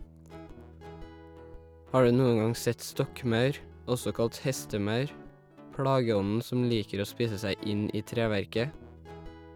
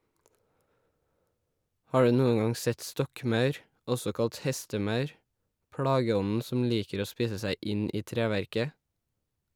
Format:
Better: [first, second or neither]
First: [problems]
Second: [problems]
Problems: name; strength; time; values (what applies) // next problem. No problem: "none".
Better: second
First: background sound (Guitar); 18 dB below the speech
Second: none